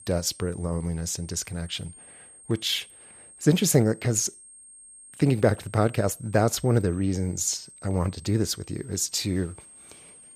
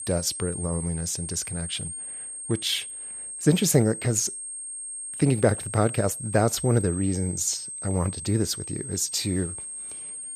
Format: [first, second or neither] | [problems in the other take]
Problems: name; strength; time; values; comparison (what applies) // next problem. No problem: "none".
first | high-pitched whine; loud; throughout; 8.5 kHz, 7 dB below the speech; faint in the first